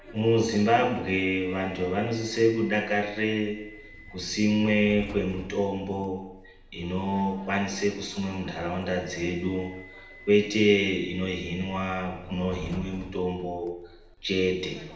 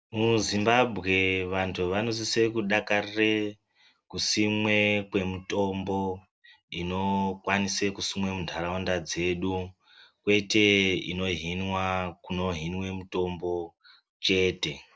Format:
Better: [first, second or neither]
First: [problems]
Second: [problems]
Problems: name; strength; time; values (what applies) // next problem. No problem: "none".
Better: second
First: background sound (Subway, metro, underground); 19 dB below the speech // room echo; dies away in 0.8 s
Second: none